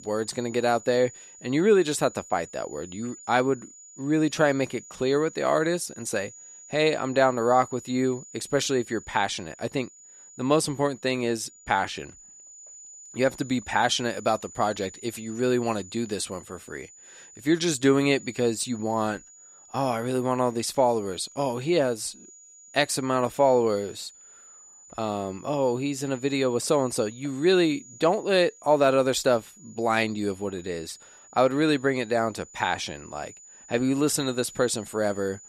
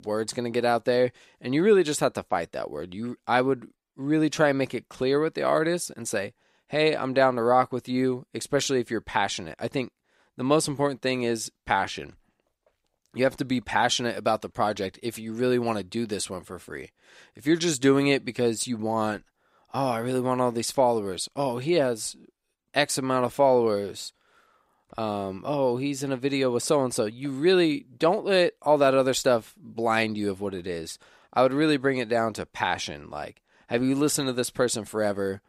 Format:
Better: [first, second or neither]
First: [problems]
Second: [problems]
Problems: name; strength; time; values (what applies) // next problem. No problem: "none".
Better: second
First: high-pitched whine; noticeable; throughout; 7 kHz, 20 dB below the speech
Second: none